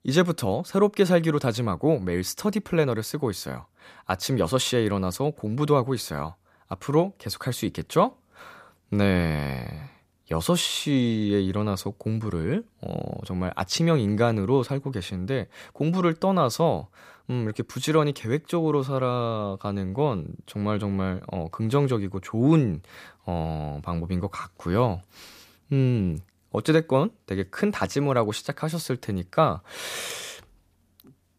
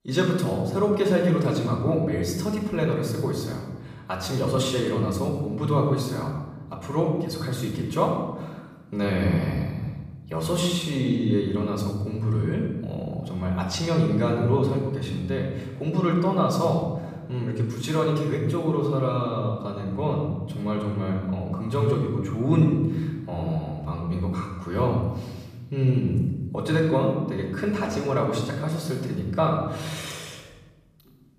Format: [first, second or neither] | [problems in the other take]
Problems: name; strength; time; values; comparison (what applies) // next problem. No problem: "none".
first | off-mic speech; far // room echo; noticeable; dies away in 1.3 s